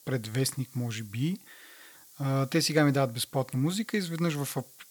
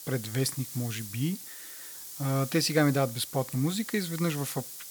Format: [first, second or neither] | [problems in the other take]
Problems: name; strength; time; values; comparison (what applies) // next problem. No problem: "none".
first | hiss; loud; throughout; 10 dB below the speech; faint in the first